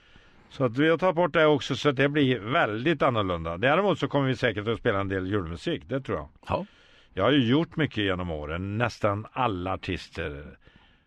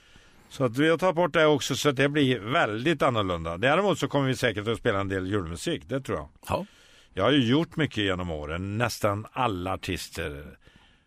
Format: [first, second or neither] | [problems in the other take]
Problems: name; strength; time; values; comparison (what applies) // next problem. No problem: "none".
second | muffled; slightly; fading above 3.5 kHz